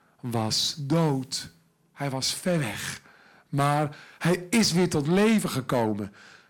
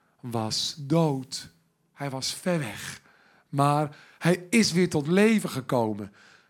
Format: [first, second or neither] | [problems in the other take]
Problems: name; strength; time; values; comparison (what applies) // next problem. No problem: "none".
second | distortion; slight; 10 dB below the speech